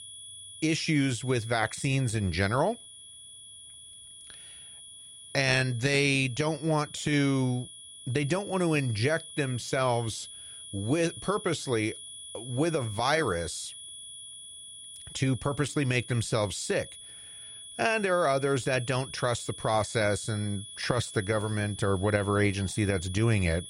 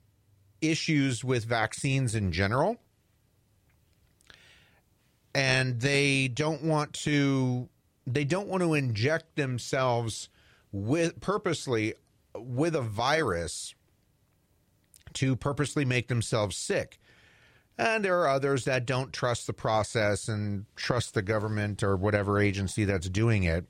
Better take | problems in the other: second | high-pitched whine; noticeable; throughout; 3.5 kHz, 15 dB below the speech

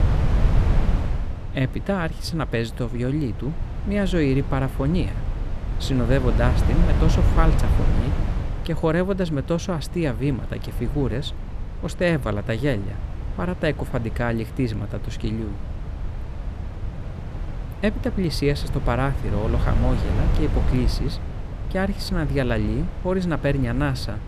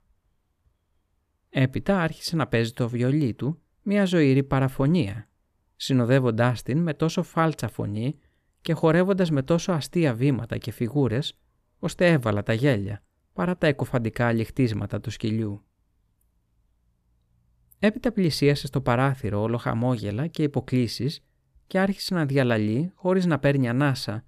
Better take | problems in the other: second | wind noise on the microphone; heavy; 10 dB below the speech

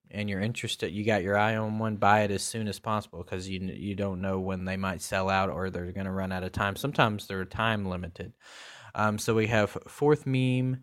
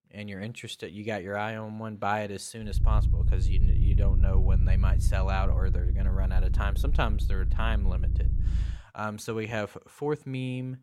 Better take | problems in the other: first | low rumble; noticeable; from 2.5 to 8.5 s; 10 dB below the speech

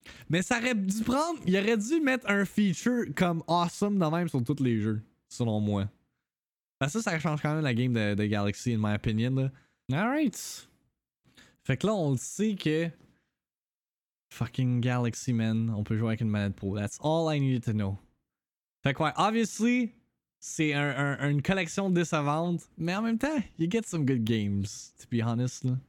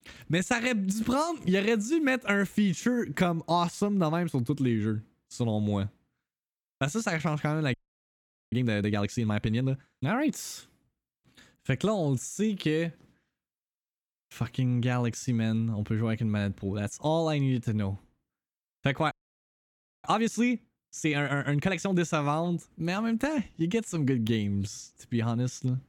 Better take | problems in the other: first | audio freezing; at 7.5 s for 1 s and at 19 s for 1 s

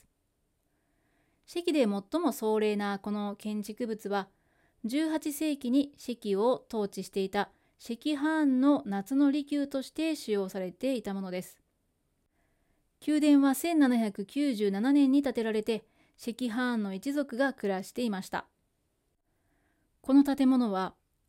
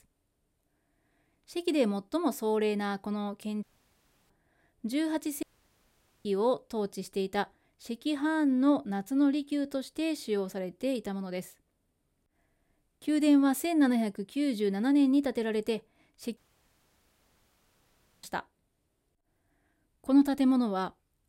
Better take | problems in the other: first | audio cutting out; at 3.5 s for 0.5 s, at 5.5 s for 1 s and at 16 s for 2 s

